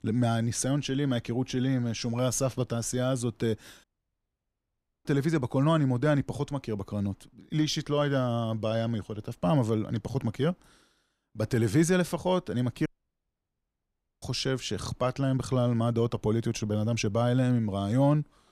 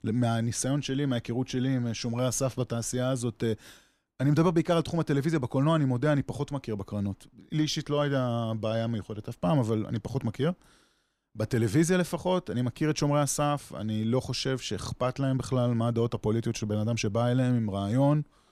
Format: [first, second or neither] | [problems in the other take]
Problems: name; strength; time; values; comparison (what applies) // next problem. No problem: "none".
second | audio cutting out; at 4 s for 1 s and at 13 s for 1.5 s